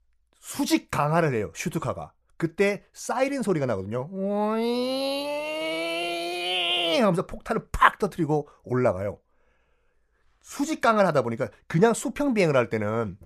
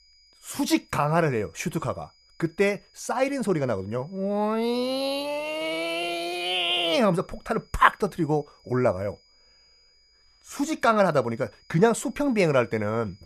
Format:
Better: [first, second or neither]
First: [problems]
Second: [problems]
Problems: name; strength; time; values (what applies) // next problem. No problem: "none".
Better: first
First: none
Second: high-pitched whine; faint; throughout; 5 kHz, 30 dB below the speech